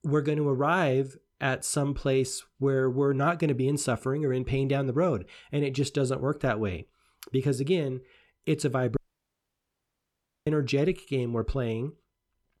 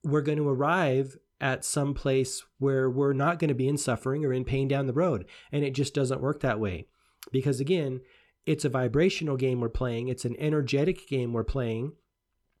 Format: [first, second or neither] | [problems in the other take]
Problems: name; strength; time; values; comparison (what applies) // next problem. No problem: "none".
second | audio cutting out; at 9 s for 1.5 s